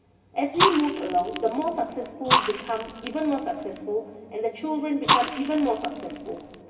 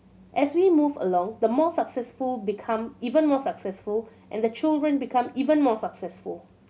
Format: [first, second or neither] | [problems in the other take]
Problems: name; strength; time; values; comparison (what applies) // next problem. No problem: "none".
second | background sound (Fire); 1 dB below the speech // room echo; dies away in 2.4 s